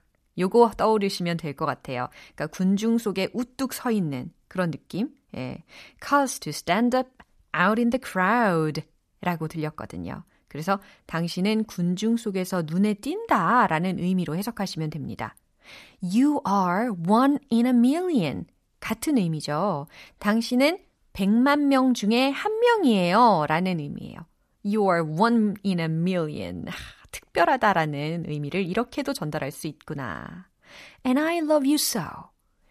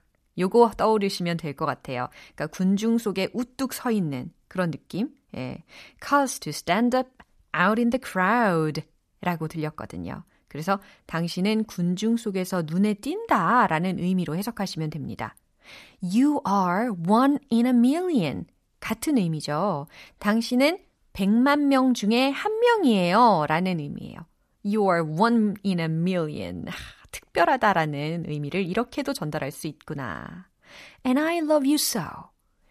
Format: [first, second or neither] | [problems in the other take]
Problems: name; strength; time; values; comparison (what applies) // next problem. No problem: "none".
neither | none